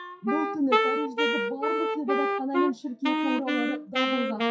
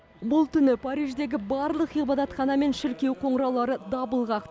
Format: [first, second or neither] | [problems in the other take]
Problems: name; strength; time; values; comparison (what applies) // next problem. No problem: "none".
second | noise reduction (classical method WPE with log-MMSE)